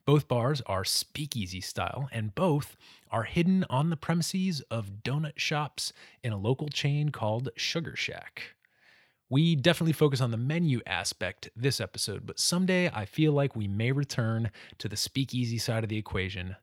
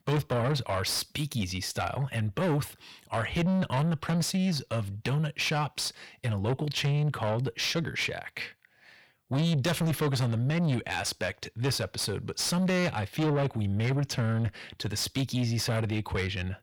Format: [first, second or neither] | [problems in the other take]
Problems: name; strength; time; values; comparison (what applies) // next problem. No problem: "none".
first | distortion; heavy; 8 dB below the speech